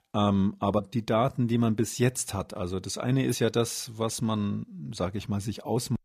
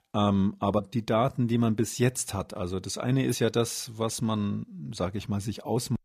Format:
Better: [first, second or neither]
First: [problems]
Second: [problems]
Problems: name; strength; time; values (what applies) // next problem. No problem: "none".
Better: neither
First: none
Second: none